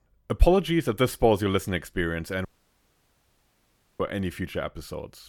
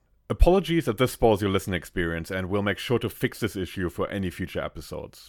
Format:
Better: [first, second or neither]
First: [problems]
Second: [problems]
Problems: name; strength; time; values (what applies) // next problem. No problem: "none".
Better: second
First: audio cutting out; at 2.5 s for 1.5 s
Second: none